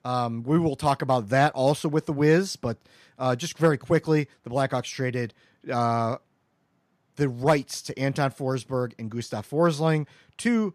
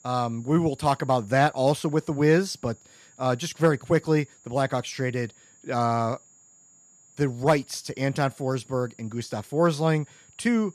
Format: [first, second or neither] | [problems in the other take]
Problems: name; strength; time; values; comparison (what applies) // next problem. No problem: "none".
first | high-pitched whine; faint; throughout; 7 kHz, 30 dB below the speech